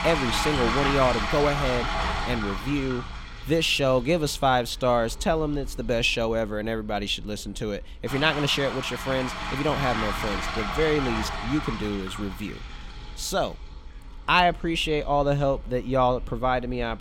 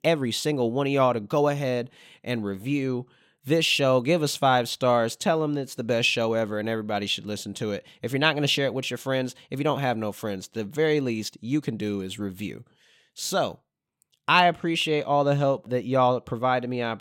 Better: second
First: household noises; loud; throughout; 6 dB below the speech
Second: none

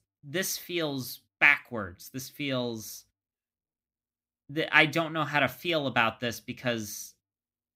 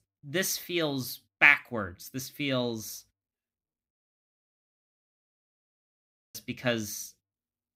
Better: first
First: none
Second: audio cutting out; at 4 s for 2.5 s

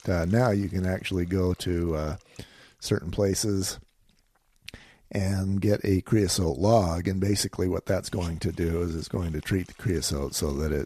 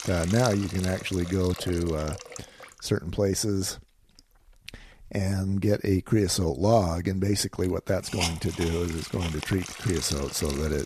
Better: first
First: hiss; faint; throughout; 25 dB below the speech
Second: hiss; loud; throughout; 9 dB below the speech

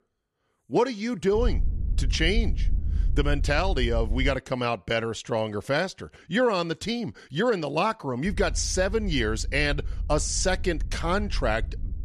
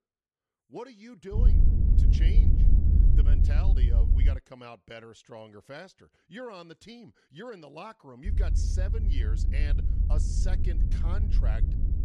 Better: first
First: low rumble; faint; from 1.5 to 4.5 s and from 8.5 s on; 25 dB below the speech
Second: low rumble; loud; from 1.5 to 4.5 s and from 8.5 s on; 1 dB below the speech

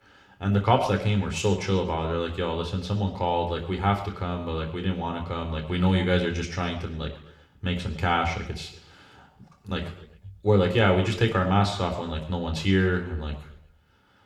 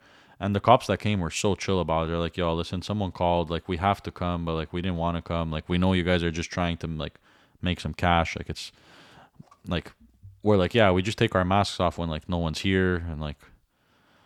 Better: second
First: room echo; slight; dies away in 0.8 s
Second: none

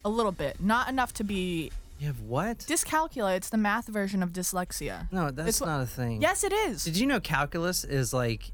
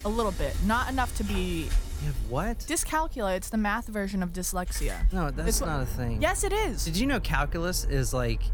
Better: first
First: traffic noise; faint; throughout; 20 dB below the speech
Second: traffic noise; loud; throughout; 6 dB below the speech

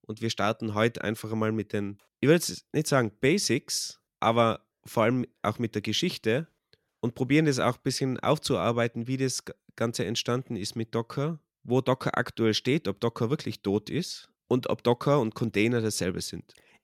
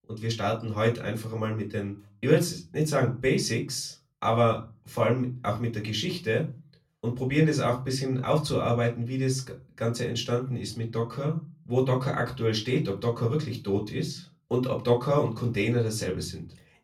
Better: first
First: none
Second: off-mic speech; far // room echo; very slight; dies away in 0.3 s

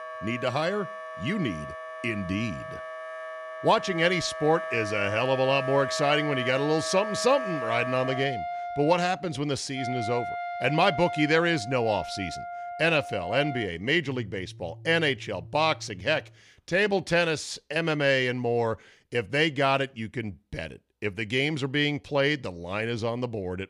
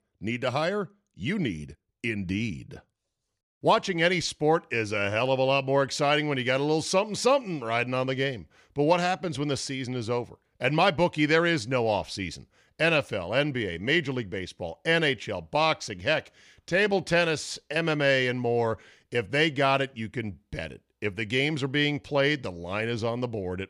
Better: second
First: background music; loud; until 16 s; 8 dB below the speech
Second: none

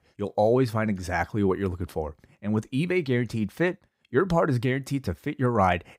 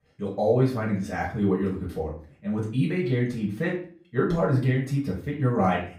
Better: first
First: none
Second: off-mic speech; far // room echo; slight; dies away in 0.4 s

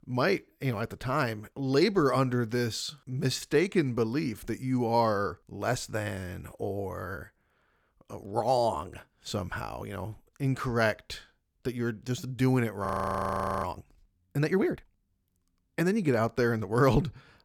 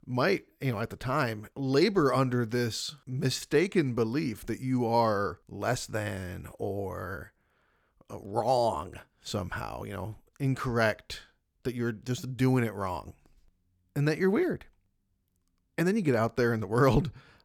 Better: second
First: audio freezing; at 13 s for 1 s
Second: none

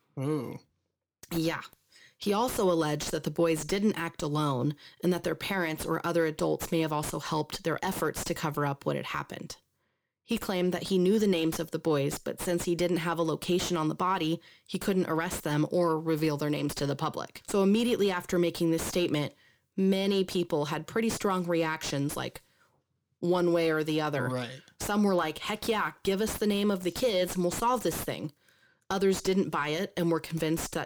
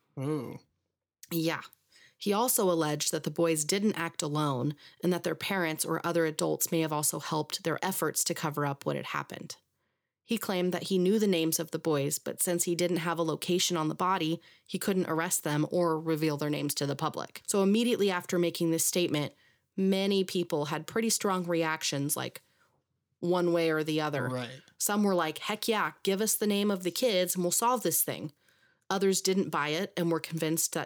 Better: second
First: distortion; slight; 10 dB below the speech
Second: none

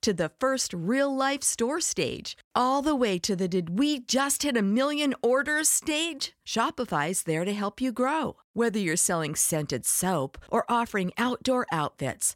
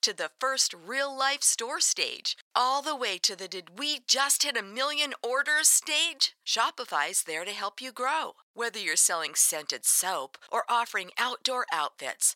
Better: first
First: none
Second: thin; very; fading below 850 Hz

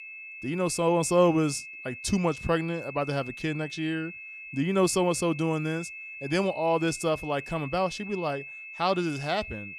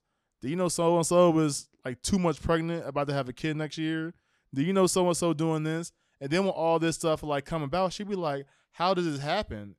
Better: second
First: high-pitched whine; noticeable; throughout; 2.5 kHz, 10 dB below the speech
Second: none

